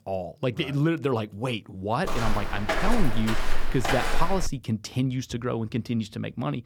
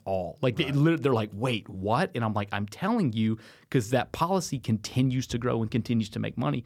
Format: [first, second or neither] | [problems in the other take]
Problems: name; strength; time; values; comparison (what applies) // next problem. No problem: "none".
second | footsteps; loud; from 2 to 4.5 s; peak 1 dB above the speech